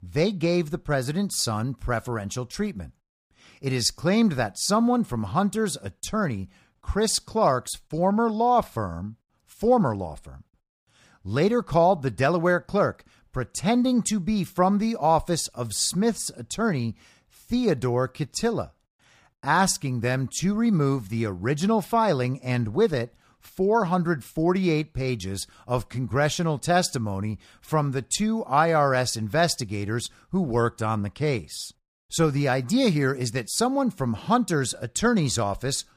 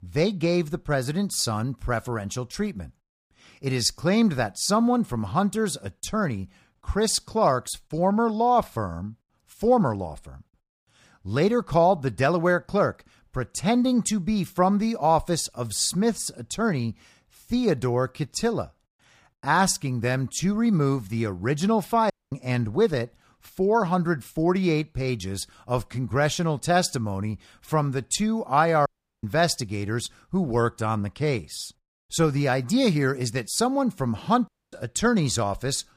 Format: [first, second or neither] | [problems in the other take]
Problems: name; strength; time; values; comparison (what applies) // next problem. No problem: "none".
first | audio cutting out; at 22 s, at 29 s and at 34 s